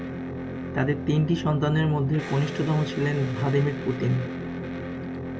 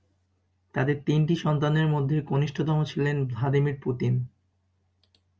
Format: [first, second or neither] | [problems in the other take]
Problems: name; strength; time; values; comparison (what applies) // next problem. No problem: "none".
second | background sound (Electric guitar); 6 dB below the speech